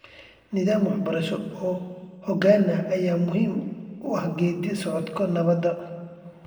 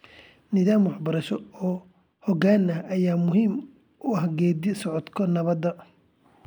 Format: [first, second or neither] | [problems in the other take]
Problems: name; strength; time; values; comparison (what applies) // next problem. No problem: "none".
second | room echo; dies away in 1.5 s